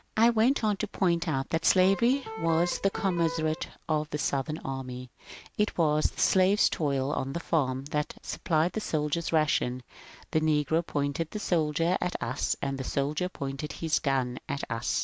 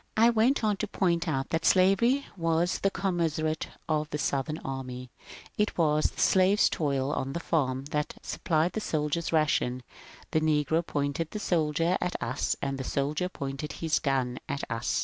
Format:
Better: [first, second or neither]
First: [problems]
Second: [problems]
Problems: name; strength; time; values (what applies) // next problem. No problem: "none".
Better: second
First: background sound (Electric guitar); 11 dB below the speech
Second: none